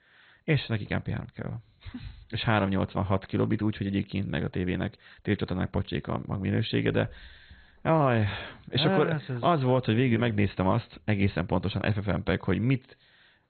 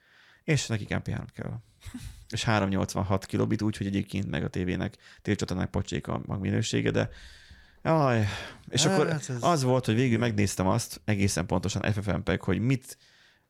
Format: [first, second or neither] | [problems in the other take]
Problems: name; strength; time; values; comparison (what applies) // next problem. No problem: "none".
second | garbled, watery; badly; nothing above 4 kHz